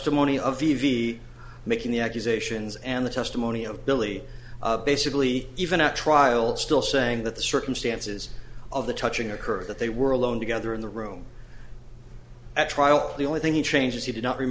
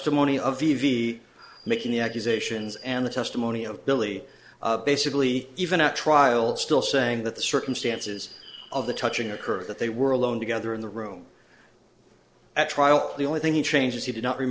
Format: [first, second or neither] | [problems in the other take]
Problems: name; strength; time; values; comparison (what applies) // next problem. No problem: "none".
first | noise reduction (neural separator model SepFormer DNS4)